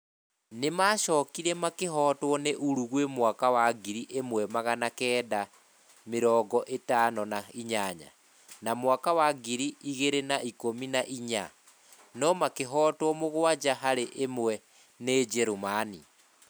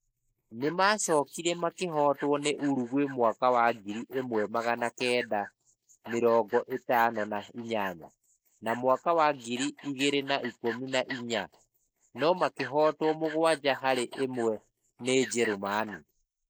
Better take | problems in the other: first | noise reduction (neural mask model Resemble Enhance denoiser)

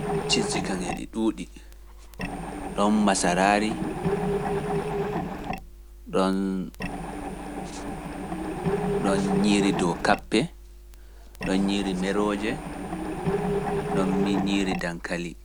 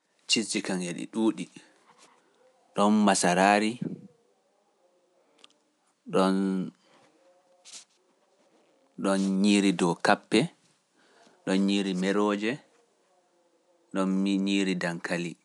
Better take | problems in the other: second | background sound (Mechanisms); 3 dB below the speech

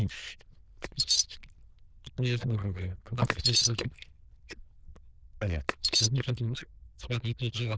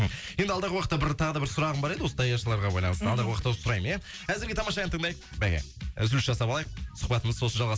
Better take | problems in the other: second | noise reduction (neural diffusion model UNIVERSE++)

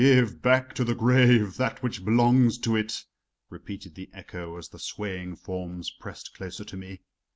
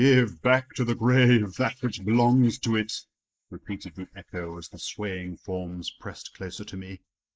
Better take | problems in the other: first | noise reduction (neural mask model Resemble Enhance denoiser)

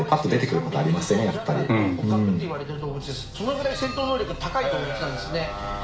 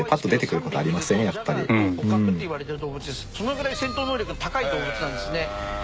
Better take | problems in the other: second | room echo; dies away in 0.9 s

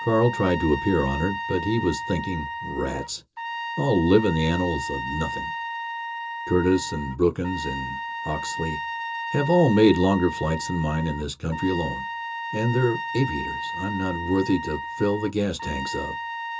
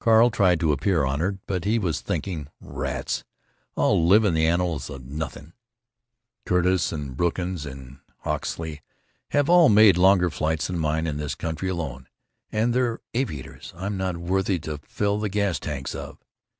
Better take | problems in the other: second | background sound (Trumpet); 7 dB below the speech // room echo; dies away in 0.2 s

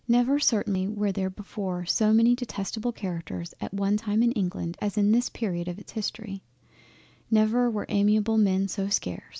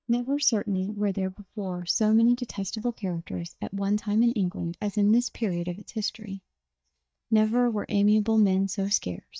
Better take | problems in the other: first | noise reduction (neural mask model DeepFilterNet 3)

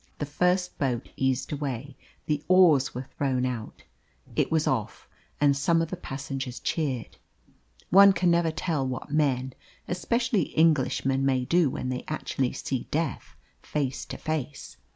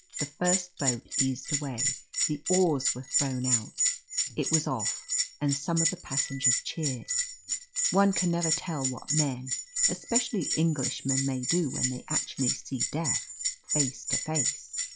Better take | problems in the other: first | noise reduction (classical method log-MMSE)

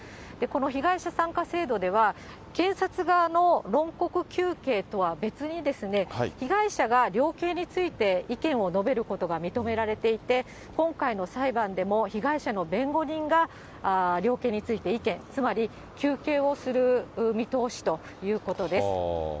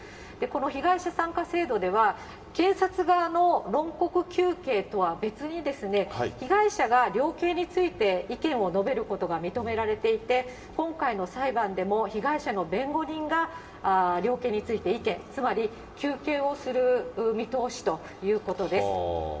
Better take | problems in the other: first | room echo; dies away in 0.8 s

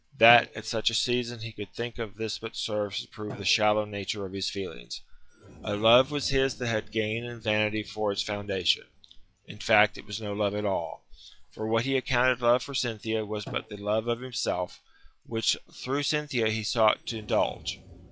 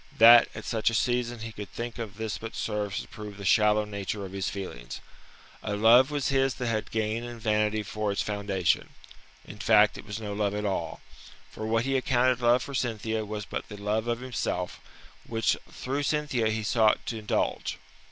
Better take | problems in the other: second | noise reduction (classical method log-MMSE)

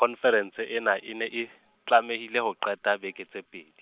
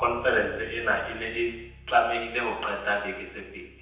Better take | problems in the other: first | background sound (Bass guitar); 19 dB below the speech // room echo; dies away in 0.9 s

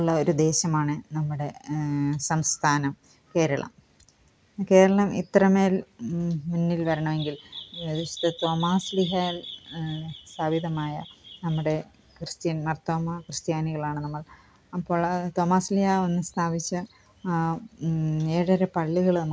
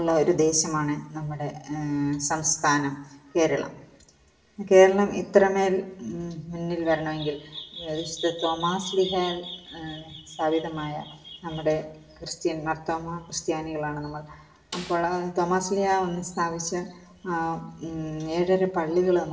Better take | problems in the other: first | background sound (Snare drum); 17 dB below the speech // room echo; dies away in 0.6 s

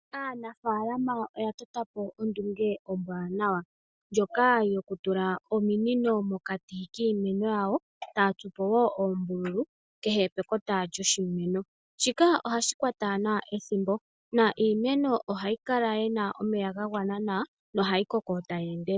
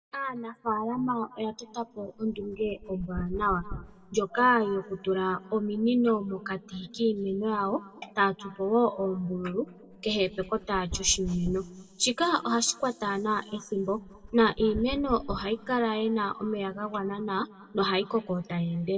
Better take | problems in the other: first | background sound (Dog); 14 dB below the speech // room echo; dies away in 1.4 s

